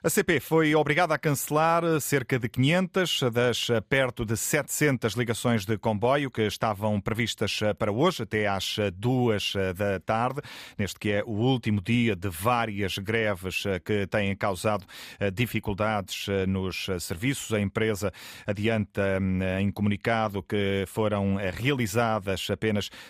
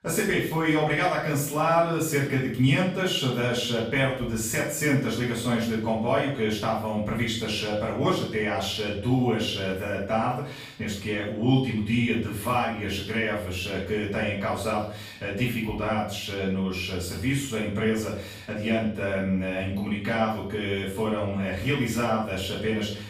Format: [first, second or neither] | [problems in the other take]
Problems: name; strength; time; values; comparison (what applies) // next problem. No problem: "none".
first | room echo; noticeable; dies away in 0.5 s // off-mic speech; far